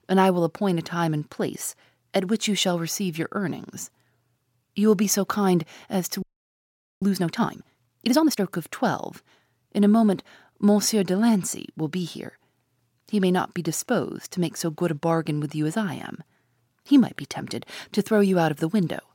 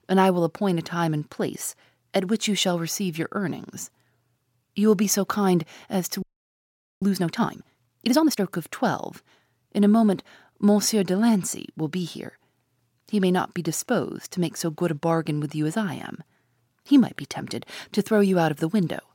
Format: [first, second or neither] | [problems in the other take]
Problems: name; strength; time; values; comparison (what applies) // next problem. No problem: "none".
neither | audio freezing; at 6 s for 1 s; the same in both